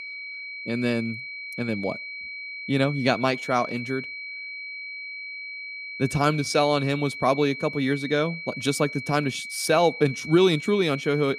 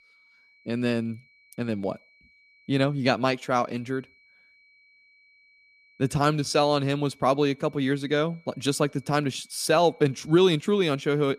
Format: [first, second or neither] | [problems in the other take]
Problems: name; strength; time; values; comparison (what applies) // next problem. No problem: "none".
second | high-pitched whine; loud; throughout; 2.5 kHz, 9 dB below the speech; faint in the second